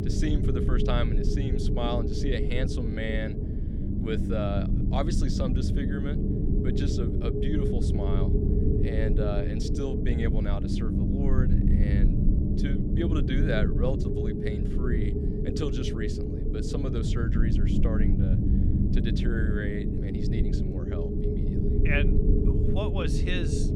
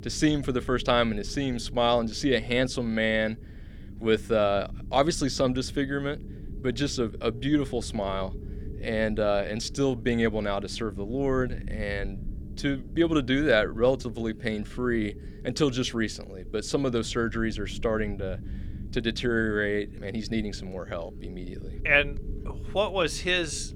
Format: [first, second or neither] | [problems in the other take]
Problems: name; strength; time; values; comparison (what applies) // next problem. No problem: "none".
second | low rumble; loud; throughout; as loud as the speech; faint in the second